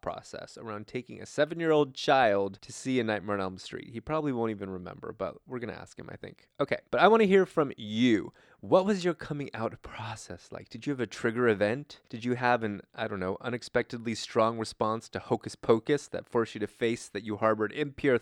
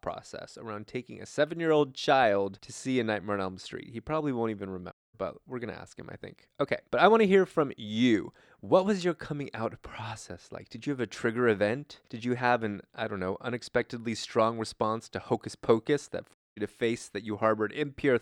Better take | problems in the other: first | audio cutting out; at 5 s and at 16 s

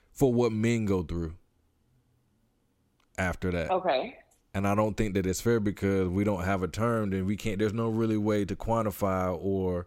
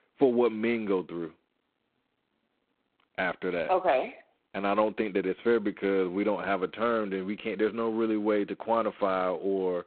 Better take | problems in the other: first | phone-call audio; poor line; nothing above 4 kHz

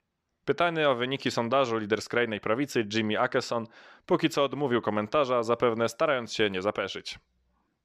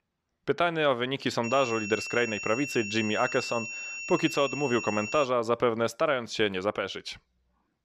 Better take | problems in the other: first | high-pitched whine; loud; from 1.5 to 5.5 s; 2.5 kHz, 7 dB below the speech

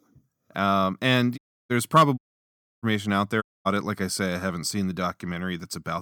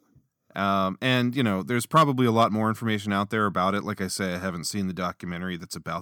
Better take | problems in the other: second | audio cutting out; at 1.5 s, at 2 s for 0.5 s and at 3.5 s

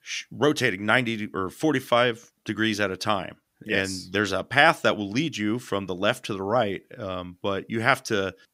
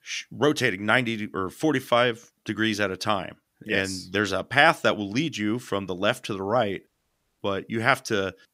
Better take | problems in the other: first | audio cutting out; at 7 s for 0.5 s

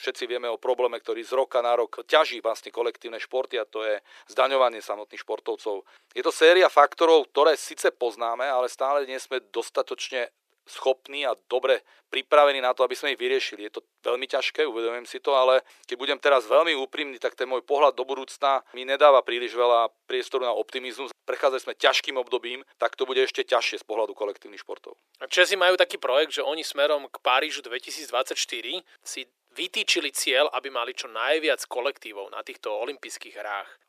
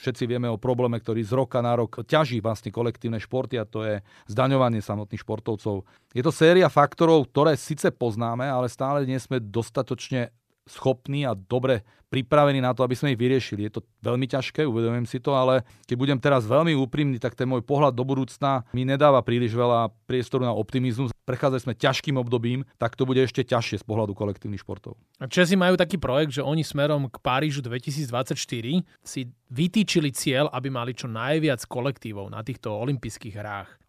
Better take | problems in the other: second | thin; very; fading below 400 Hz

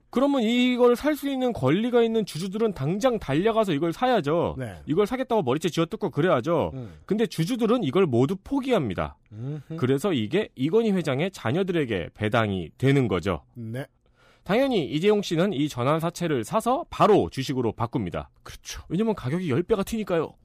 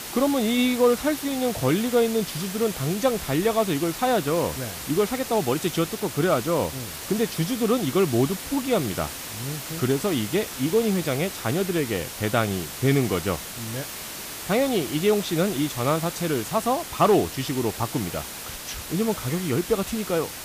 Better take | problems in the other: first | hiss; loud; throughout; 8 dB below the speech

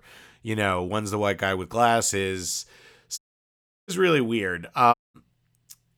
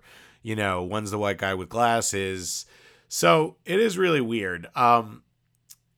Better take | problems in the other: second | audio cutting out; at 3 s for 0.5 s and at 5 s

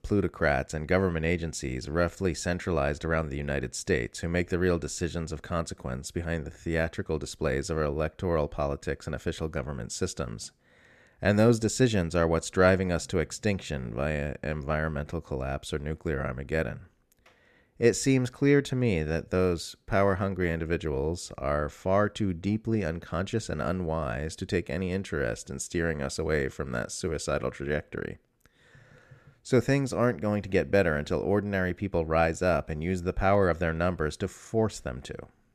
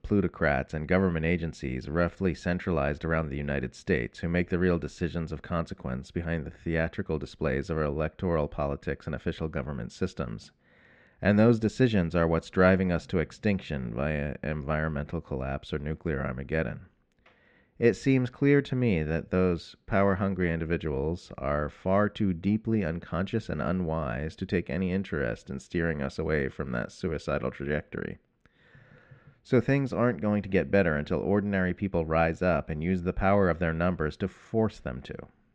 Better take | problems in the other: first | muffled; slightly; fading above 3 kHz

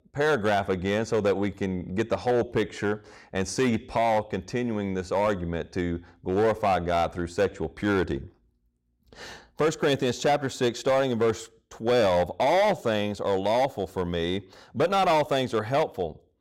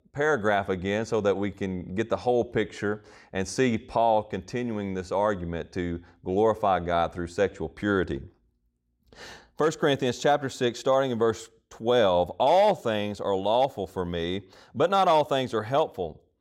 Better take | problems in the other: second | distortion; slight; 7% of the sound clipped

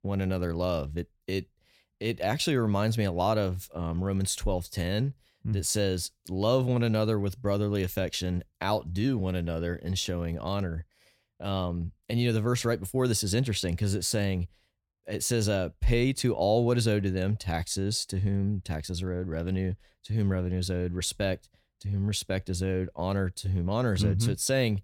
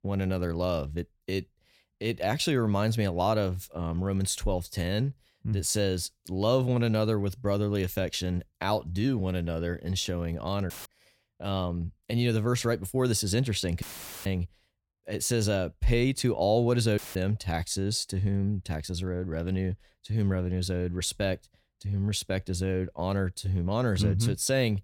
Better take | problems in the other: first | audio cutting out; filled with static; at 11 s, at 14 s and at 17 s

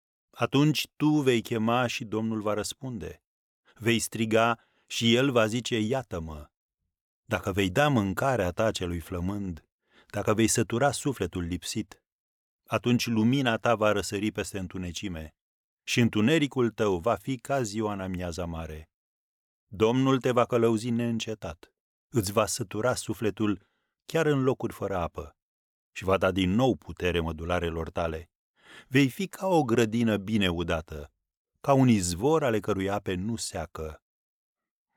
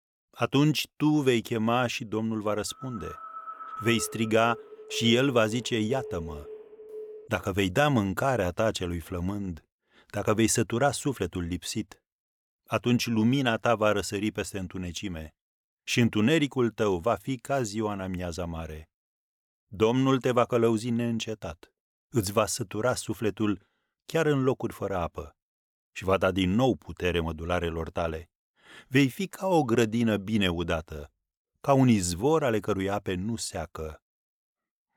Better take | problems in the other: first | phone ringing; faint; from 2.5 to 7.5 s; peak 10 dB below the speech

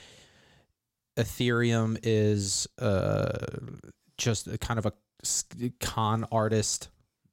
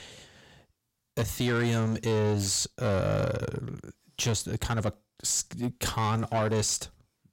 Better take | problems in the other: first | distortion; slight; 10 dB below the speech

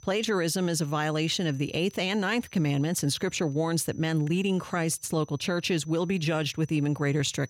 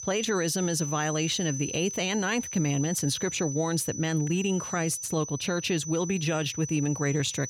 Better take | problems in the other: first | high-pitched whine; loud; throughout; 6 kHz, 7 dB below the speech; faint in the first

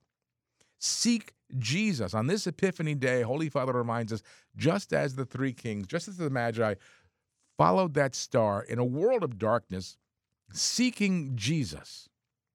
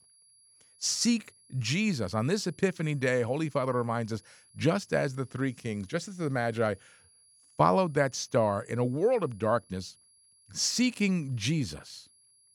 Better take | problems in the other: first | high-pitched whine; faint; throughout; 10.5 kHz, 30 dB below the speech

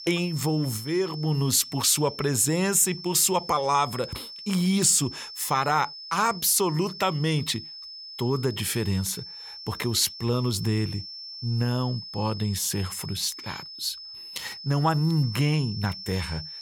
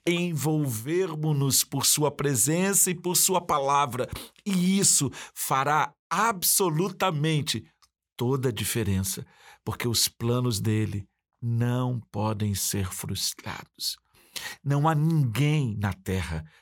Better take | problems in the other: second | high-pitched whine; noticeable; throughout; 5.5 kHz, 10 dB below the speech

